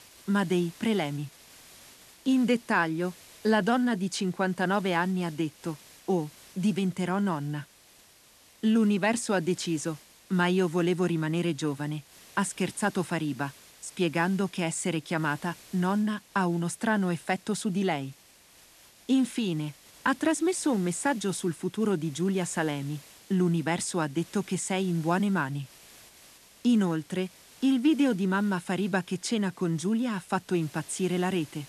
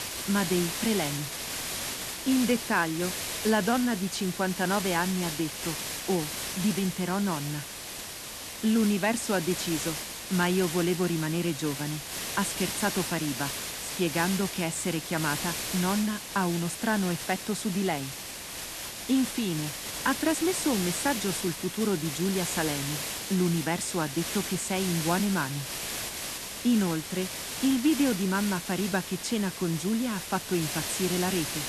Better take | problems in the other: first | hiss; loud; throughout; 4 dB below the speech; faint in the first

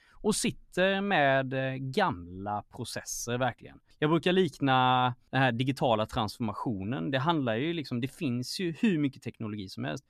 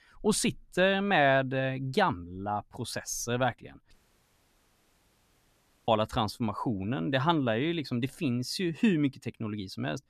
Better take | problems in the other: first | audio cutting out; at 4 s for 2 s

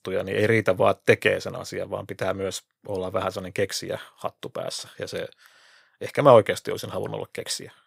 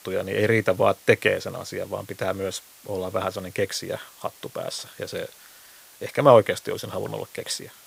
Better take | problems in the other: first | hiss; faint; throughout; 25 dB below the speech

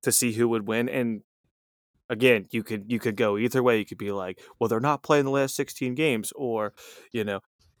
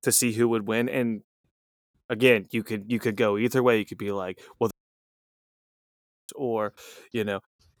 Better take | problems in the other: first | audio cutting out; at 4.5 s for 1.5 s

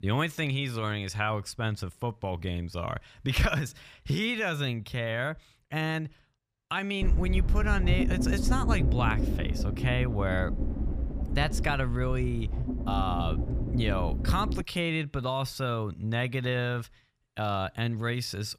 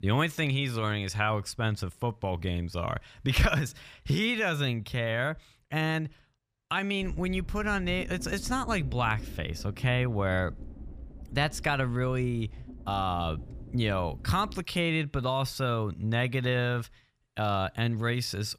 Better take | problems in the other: second | low rumble; loud; from 7 to 15 s; 9 dB below the speech; faint in the second

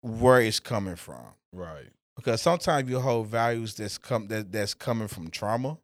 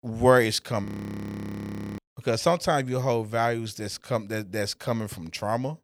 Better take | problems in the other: first | audio freezing; at 1 s for 1 s

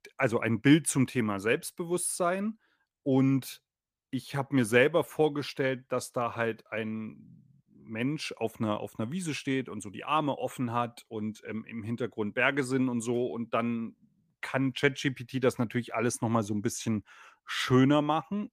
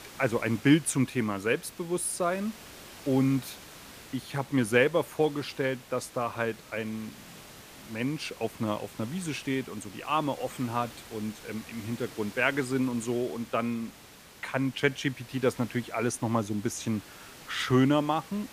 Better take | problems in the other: first | hiss; noticeable; throughout; 20 dB below the speech

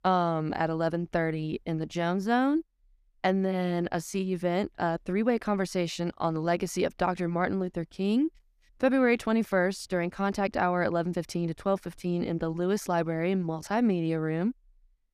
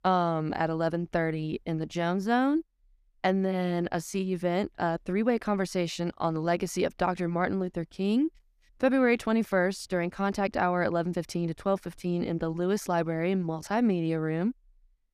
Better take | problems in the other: neither | none

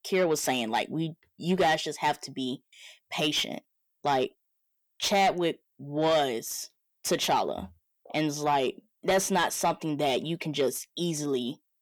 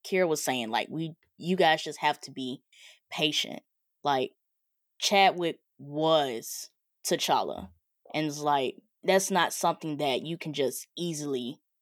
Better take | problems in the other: second | distortion; slight; 10 dB below the speech

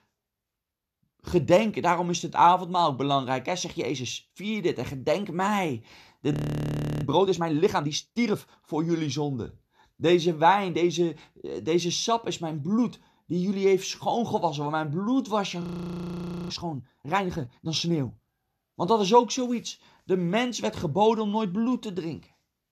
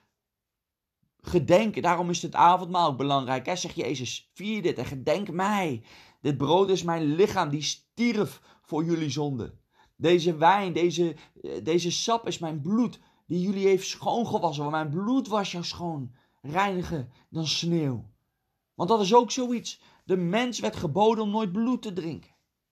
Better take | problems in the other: second | audio freezing; at 6.5 s for 0.5 s and at 16 s for 1 s

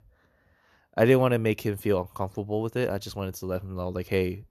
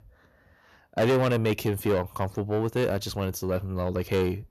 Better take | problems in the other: first | distortion; heavy; 8 dB below the speech

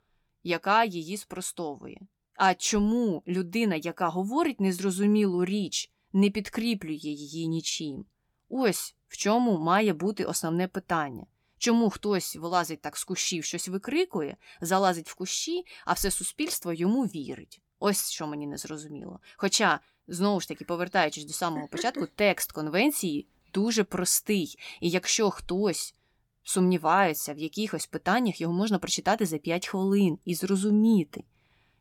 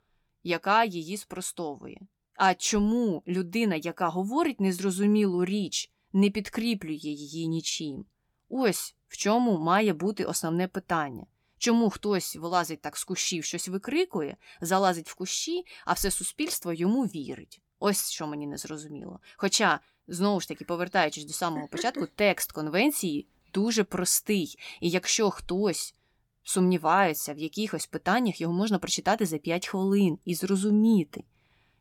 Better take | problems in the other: neither | none

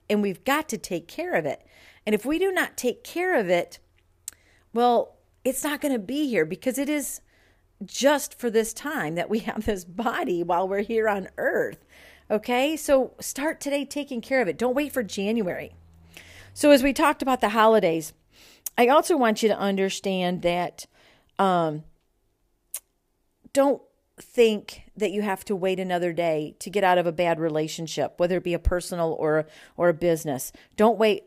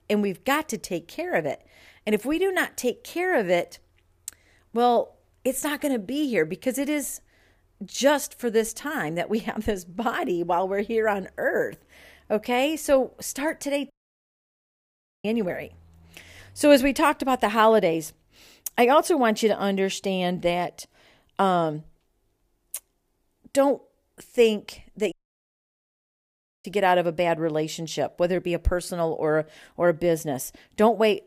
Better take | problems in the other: first | audio cutting out; at 14 s for 1.5 s and at 25 s for 1.5 s

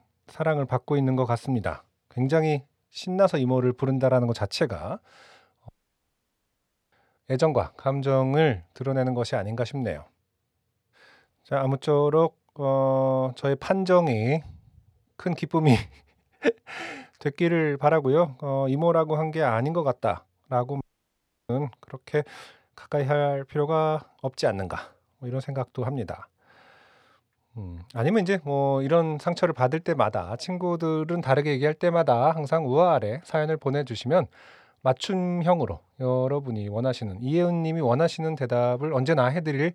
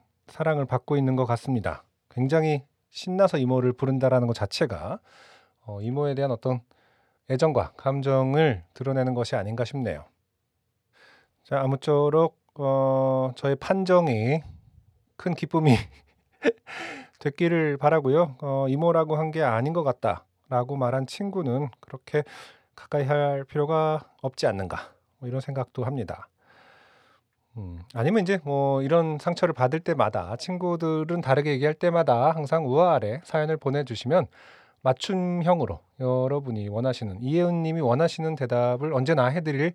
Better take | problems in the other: second | audio cutting out; at 5.5 s for 1 s and at 21 s for 0.5 s

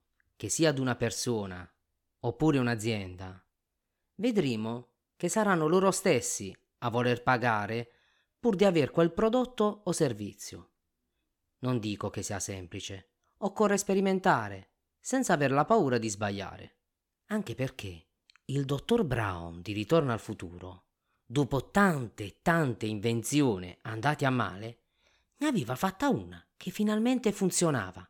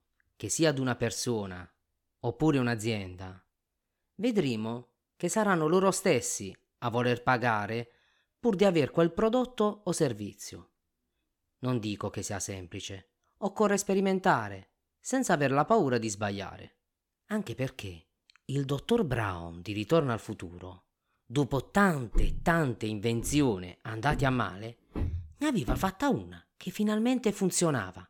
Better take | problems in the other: first | footsteps; noticeable; from 22 to 26 s; peak 6 dB below the speech

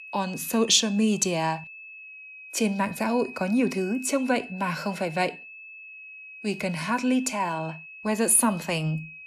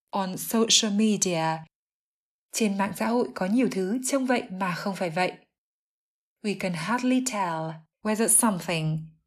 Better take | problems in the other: second | high-pitched whine; noticeable; throughout; 2.5 kHz, 15 dB below the speech

